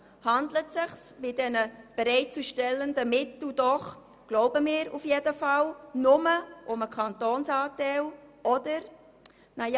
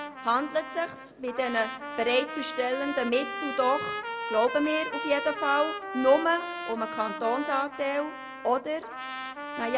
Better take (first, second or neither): first